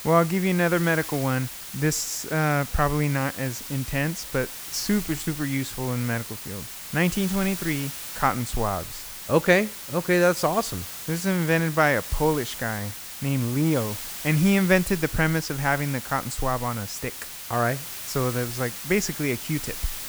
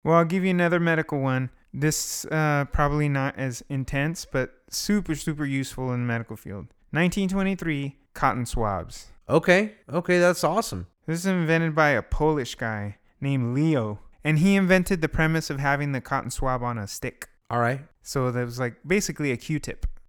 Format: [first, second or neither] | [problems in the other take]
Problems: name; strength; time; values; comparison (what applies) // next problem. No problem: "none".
second | hiss; loud; throughout; 9 dB below the speech